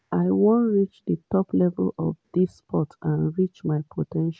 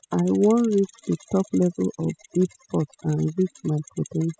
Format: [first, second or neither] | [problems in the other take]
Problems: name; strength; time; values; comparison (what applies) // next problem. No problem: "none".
first | noise reduction (classical method spectral subtraction)